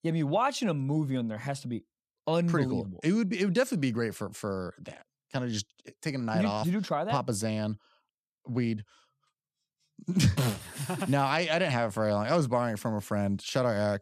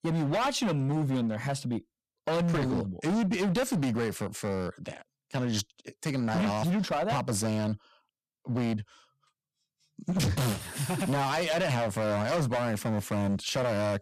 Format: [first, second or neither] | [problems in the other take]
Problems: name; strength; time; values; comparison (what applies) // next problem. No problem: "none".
first | distortion; heavy; 19% of the sound clipped